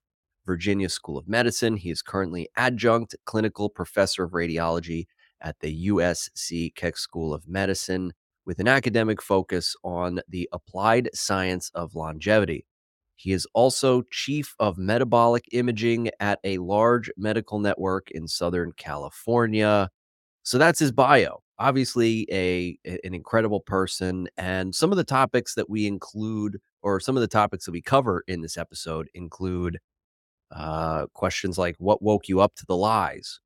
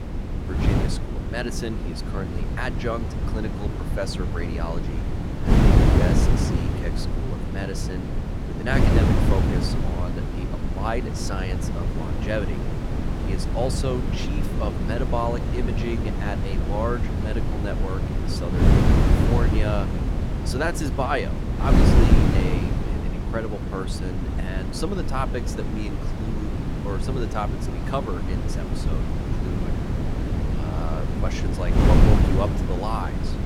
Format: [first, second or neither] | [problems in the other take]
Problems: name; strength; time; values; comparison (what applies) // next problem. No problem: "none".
first | wind noise on the microphone; heavy; 1 dB below the speech